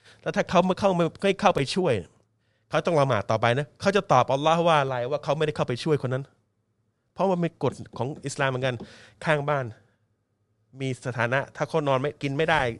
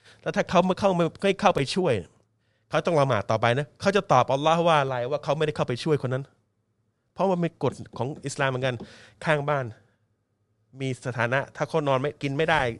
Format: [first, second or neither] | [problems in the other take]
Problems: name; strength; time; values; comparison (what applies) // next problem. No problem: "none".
neither | none